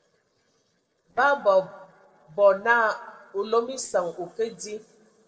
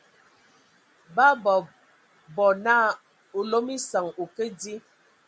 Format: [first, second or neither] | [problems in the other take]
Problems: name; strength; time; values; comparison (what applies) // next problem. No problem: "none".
second | noise reduction (neural separator model SepFormer DNS4)